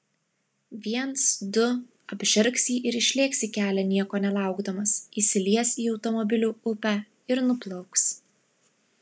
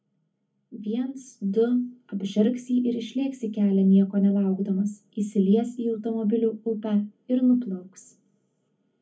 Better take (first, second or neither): first